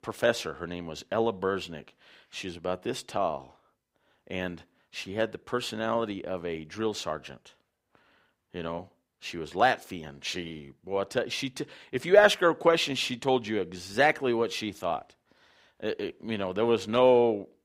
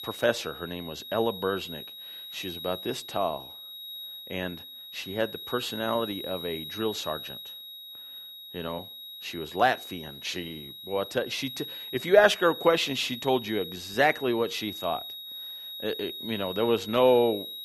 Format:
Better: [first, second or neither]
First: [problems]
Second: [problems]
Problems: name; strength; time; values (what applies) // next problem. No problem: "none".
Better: first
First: none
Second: high-pitched whine; noticeable; throughout; 4 kHz, 10 dB below the speech